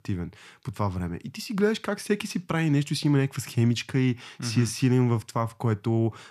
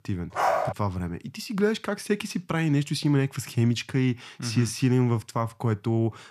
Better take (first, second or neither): first